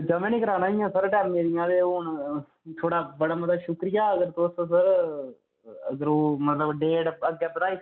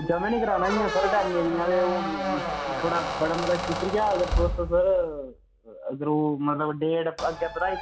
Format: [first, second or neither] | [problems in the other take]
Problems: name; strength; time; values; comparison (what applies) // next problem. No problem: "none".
first | background sound (Squeak); 5 dB below the speech